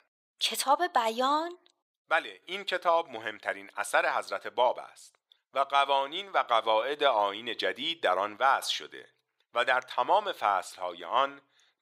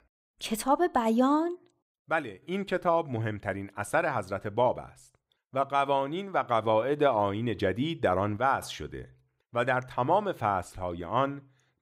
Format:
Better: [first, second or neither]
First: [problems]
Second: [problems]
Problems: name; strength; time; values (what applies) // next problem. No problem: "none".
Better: second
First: thin; very; fading below 650 Hz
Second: none